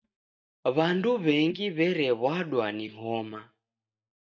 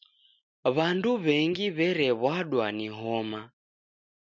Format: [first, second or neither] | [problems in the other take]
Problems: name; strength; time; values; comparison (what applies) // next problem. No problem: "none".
second | noise reduction (neural mask model DeepFilterNet 3)